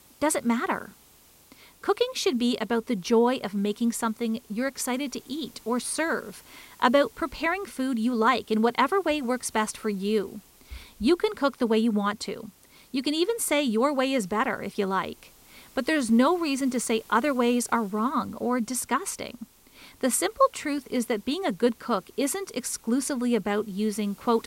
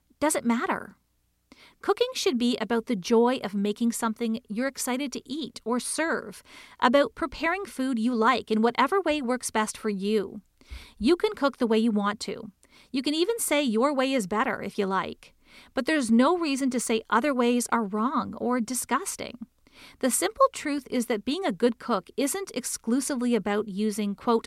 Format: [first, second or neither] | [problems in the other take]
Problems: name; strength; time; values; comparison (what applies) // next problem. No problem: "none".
second | hiss; faint; throughout; 25 dB below the speech